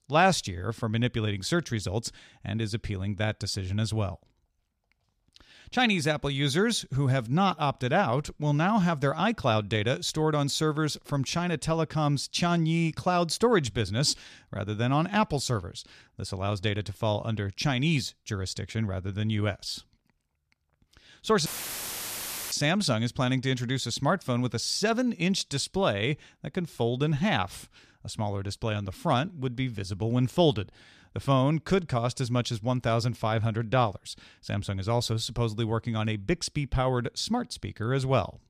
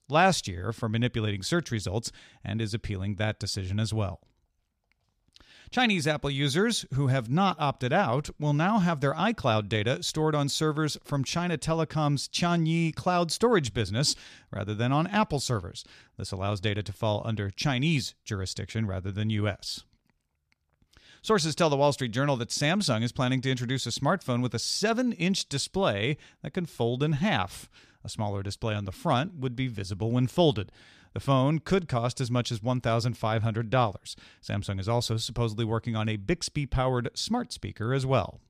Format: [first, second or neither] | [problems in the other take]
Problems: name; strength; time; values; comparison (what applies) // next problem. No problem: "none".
second | audio cutting out; filled with static; at 21 s for 1 s